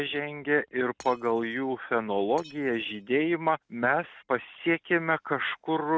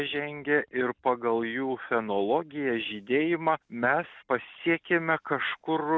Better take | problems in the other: second | noise reduction (neural mask model RNNoise)

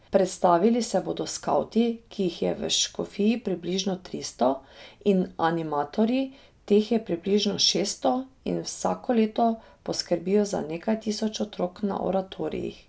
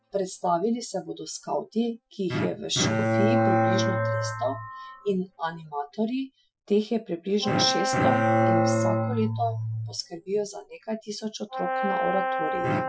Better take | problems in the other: first | noise reduction (classical method Wiener filter)

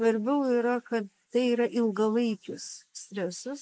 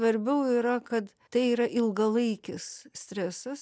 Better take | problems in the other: second | noise reduction (neural mask model Resemble Enhance denoiser)

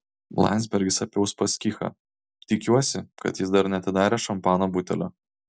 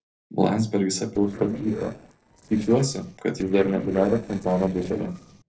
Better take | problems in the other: first | noise reduction (neural separator model SepFormer DNS4)

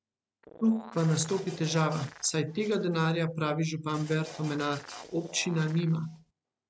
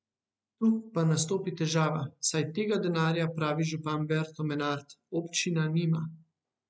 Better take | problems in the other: second | background sound (Animal + Printer); 17 dB below the speech

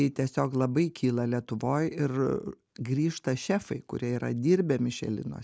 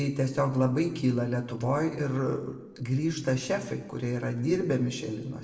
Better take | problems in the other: first | noise reduction (neural separator model SepFormer DNS4)

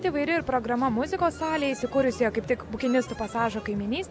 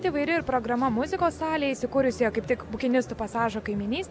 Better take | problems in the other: second | background sound (Harmonica); 18 dB below the speech

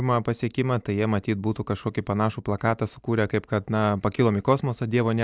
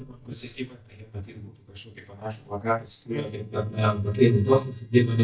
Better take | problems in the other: first | noise reduction (neural mask model DeepFilterNet 3)

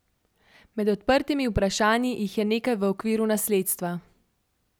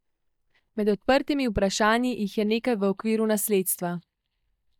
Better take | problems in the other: first | noise reduction (neural mask model DeepFilterNet 3)

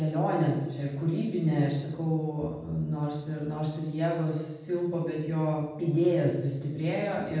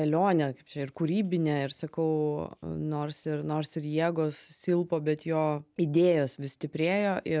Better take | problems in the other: second | room echo; dies away in 1.2 s

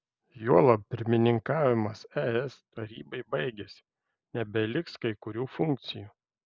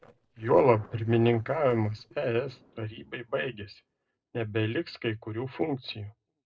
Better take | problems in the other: first | noise reduction (neural separator model SepFormer DNS4)

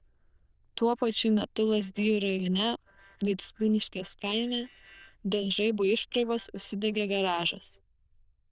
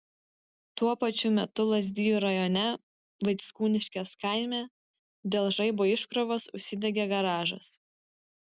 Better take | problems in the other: second | noise reduction (neural diffusion model UNIVERSE++)

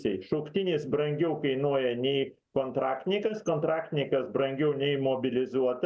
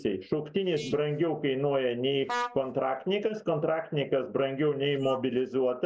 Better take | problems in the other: first | noise reduction (neural mask model Resemble Enhance denoiser)

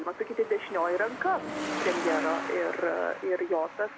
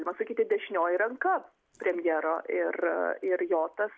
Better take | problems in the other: second | background sound (Truck); 6 dB below the speech

